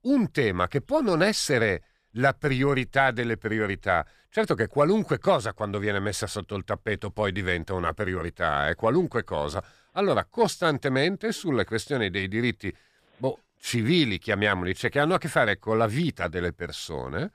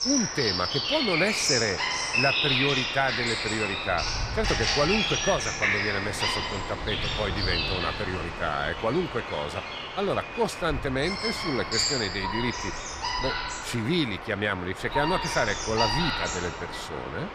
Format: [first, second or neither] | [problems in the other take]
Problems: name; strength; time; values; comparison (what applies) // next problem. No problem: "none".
first | animal sounds; very loud; throughout; 2 dB above the speech